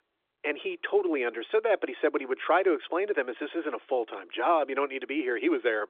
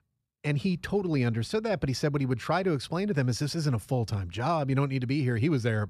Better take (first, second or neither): second